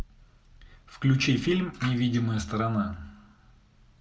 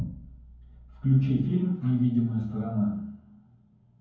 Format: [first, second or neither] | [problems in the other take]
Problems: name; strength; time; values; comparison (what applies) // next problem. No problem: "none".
first | room echo; dies away in 0.9 s